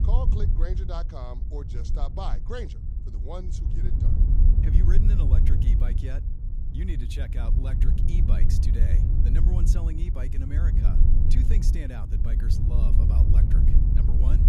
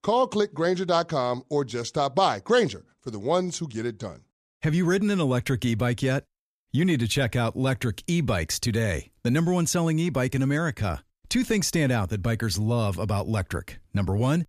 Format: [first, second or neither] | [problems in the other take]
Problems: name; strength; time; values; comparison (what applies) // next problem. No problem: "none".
second | wind noise on the microphone; heavy; as loud as the speech